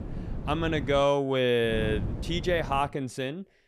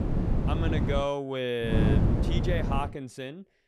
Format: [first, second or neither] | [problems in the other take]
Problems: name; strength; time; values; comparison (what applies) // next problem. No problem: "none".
first | wind noise on the microphone; heavy; at the start and from 1.5 to 3 s; 3 dB below the speech; occasional gusts in the first